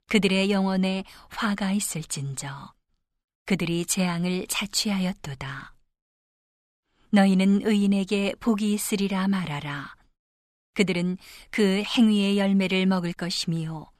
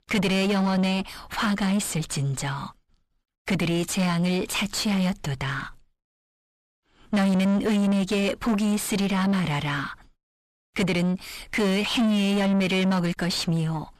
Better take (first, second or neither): first